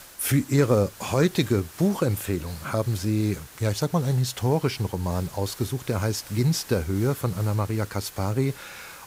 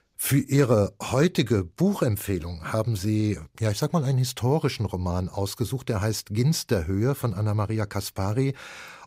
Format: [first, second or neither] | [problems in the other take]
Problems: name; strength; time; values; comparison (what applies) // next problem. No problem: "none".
second | hiss; noticeable; throughout; 20 dB below the speech